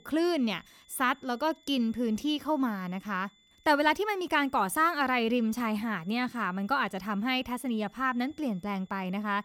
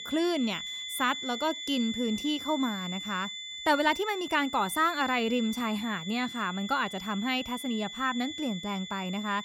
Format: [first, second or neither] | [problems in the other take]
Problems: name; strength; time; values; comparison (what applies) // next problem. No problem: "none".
first | high-pitched whine; loud; throughout; 3.5 kHz, 7 dB below the speech; faint in the first